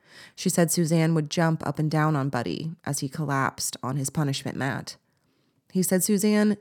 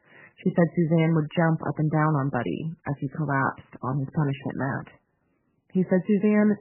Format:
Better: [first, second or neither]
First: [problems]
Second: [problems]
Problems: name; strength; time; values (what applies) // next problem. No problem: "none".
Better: first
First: none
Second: garbled, watery; badly; nothing above 3 kHz